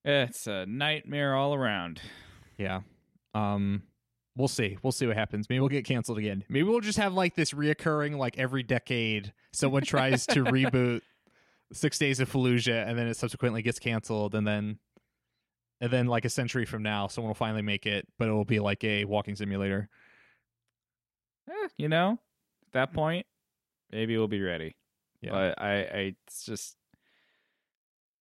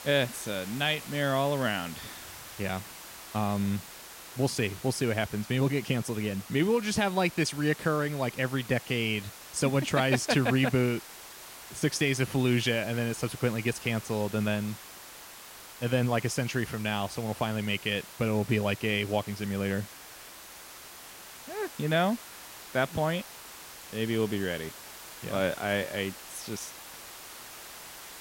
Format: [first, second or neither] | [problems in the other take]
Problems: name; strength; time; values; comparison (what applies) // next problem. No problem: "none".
first | hiss; noticeable; throughout; 15 dB below the speech